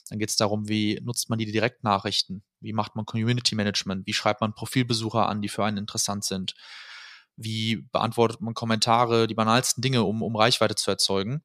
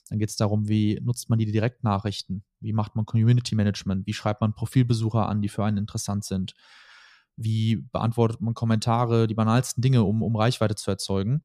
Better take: second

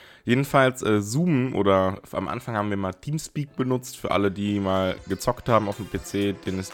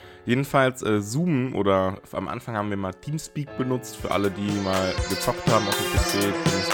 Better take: first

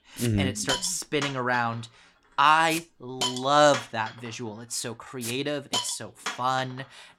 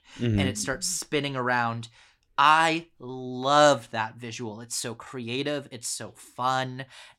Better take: second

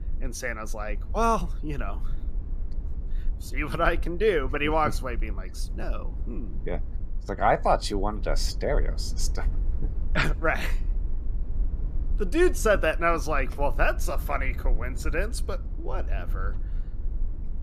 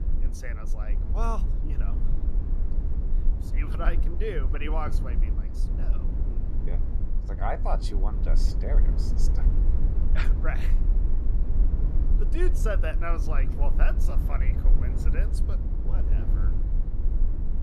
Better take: first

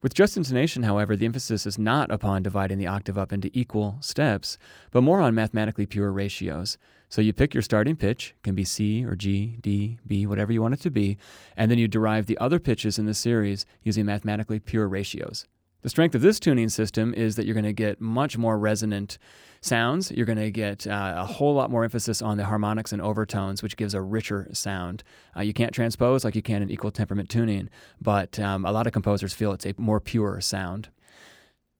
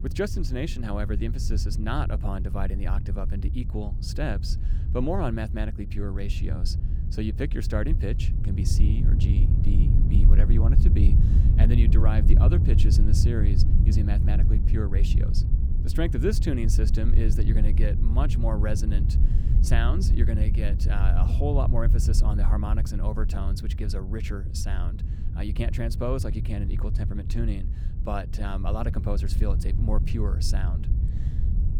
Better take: first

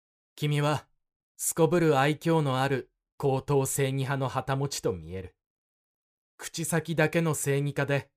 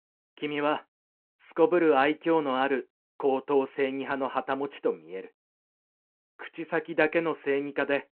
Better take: first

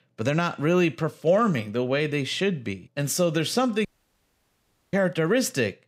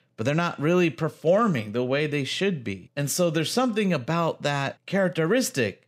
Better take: second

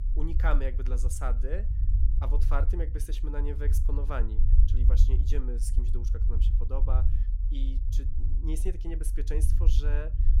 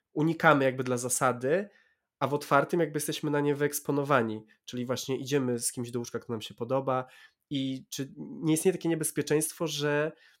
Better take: second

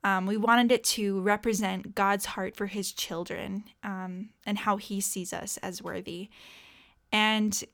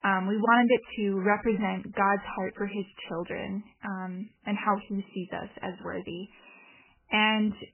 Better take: first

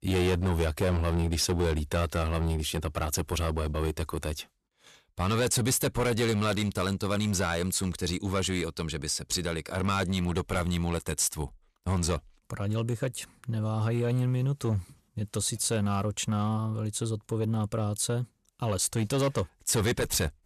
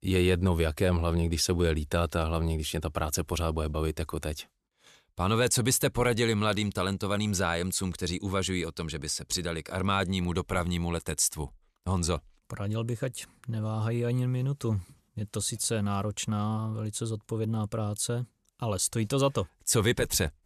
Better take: second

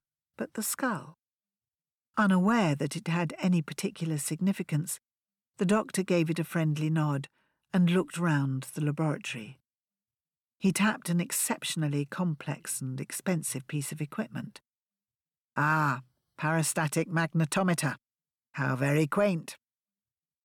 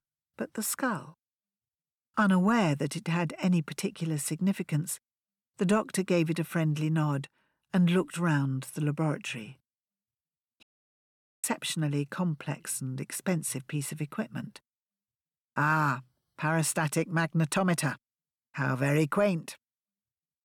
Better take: first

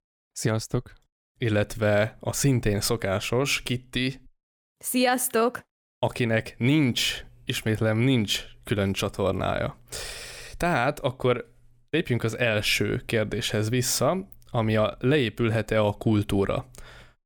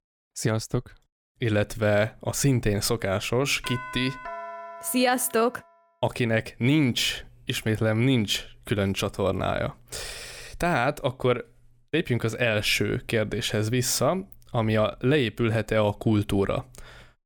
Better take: first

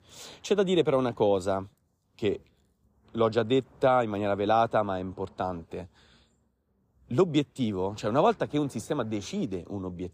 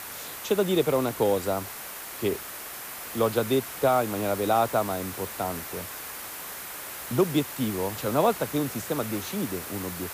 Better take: first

